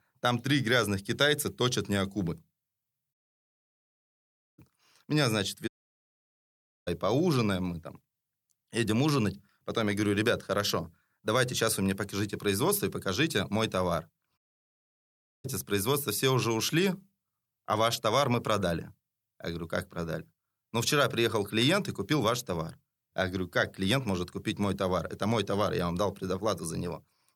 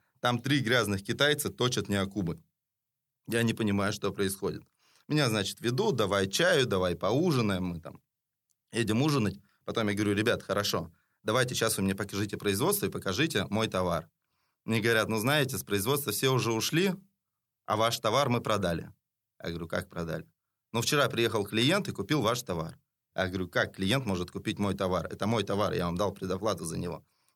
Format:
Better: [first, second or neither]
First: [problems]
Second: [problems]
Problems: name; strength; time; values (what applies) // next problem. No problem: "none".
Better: second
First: audio cutting out; at 3 s for 1.5 s, at 5.5 s for 1 s and at 14 s for 1 s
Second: none